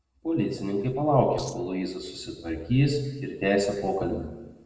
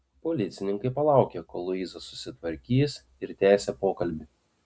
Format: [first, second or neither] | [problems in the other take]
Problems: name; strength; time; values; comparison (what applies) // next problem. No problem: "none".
second | noise reduction (neural separator model SepFormer DNS4)